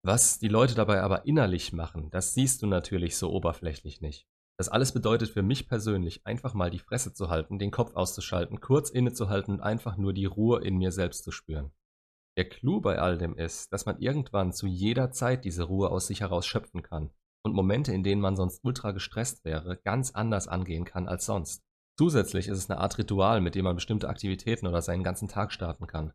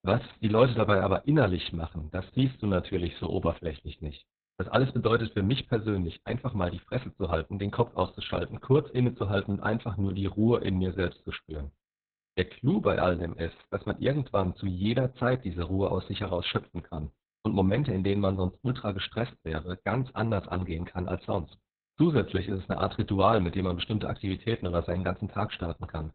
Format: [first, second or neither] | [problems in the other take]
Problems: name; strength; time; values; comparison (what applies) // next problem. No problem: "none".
first | garbled, watery; badly; nothing above 4 kHz